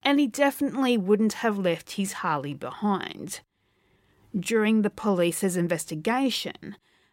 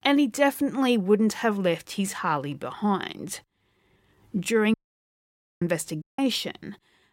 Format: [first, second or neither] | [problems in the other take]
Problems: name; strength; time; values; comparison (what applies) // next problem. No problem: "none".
first | audio cutting out; at 4.5 s for 1 s and at 6 s